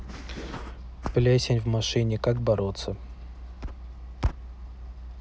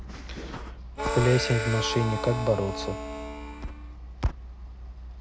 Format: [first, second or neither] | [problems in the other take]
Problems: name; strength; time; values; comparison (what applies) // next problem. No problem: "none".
first | background sound (Harmonica); 5 dB below the speech